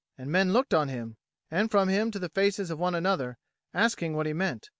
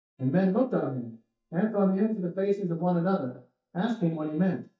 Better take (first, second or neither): first